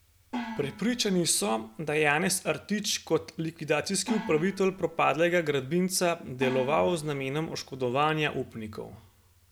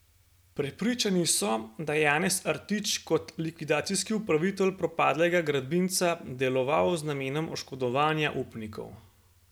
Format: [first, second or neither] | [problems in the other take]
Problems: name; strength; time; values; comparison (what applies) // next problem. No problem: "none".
second | background sound (Gong); 13 dB below the speech